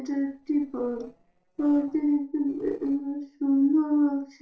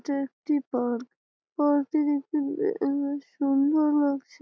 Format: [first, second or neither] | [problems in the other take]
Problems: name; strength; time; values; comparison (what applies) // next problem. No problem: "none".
second | noise reduction (neural separator model SepFormer DNS4)